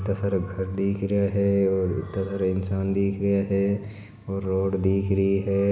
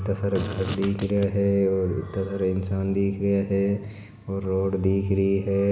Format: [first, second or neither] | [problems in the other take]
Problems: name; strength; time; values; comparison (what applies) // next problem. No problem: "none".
first | background sound (Fart); 10 dB below the speech